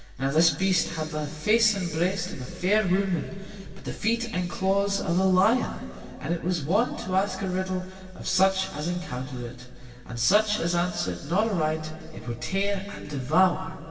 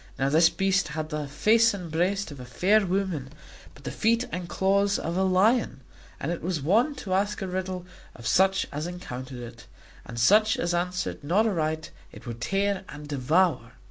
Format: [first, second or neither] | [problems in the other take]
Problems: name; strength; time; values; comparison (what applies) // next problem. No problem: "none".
second | room echo; dies away in 2.4 s